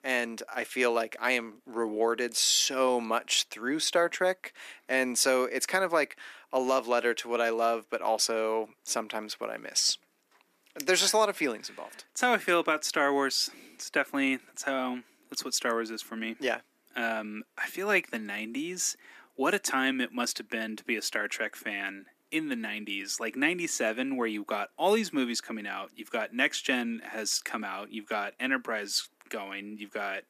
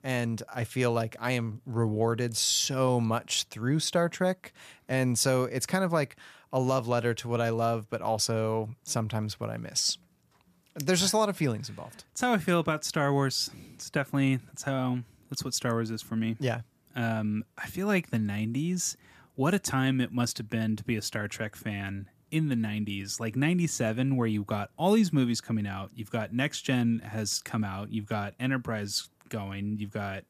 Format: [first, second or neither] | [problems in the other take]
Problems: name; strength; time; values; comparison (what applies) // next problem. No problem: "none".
second | thin; somewhat; fading below 250 Hz